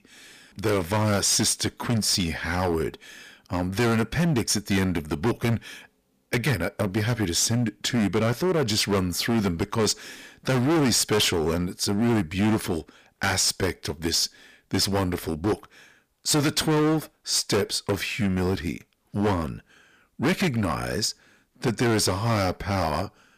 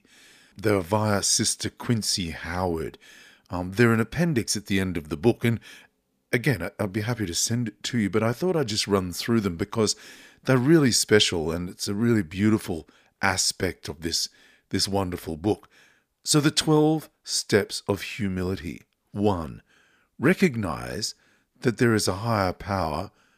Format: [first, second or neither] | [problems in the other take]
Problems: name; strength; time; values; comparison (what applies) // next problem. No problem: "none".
second | distortion; heavy; 14% of the sound clipped